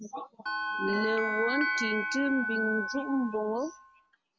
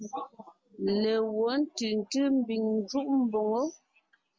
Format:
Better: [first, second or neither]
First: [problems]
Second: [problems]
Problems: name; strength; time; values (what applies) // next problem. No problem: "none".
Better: second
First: background sound (Bell); 1 dB below the speech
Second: none